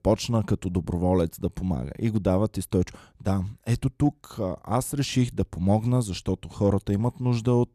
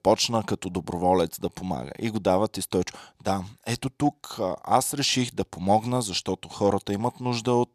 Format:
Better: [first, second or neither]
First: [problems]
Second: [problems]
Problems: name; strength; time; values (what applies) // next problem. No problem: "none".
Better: first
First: none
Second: thin; somewhat; fading below 400 Hz